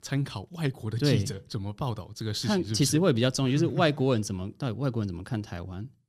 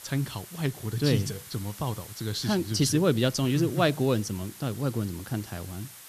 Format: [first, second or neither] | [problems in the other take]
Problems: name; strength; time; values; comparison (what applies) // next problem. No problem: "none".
first | hiss; noticeable; throughout; 15 dB below the speech